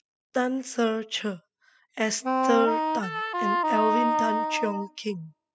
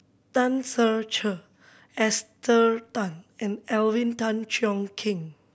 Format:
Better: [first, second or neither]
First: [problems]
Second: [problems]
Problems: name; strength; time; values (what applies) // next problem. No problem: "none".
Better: second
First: noise reduction (classical method spectral subtraction)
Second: none